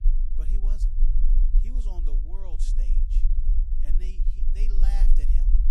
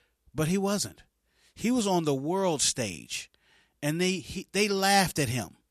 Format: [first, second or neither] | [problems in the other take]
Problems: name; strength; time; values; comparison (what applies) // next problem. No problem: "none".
second | low rumble; loud; throughout; 2 dB below the speech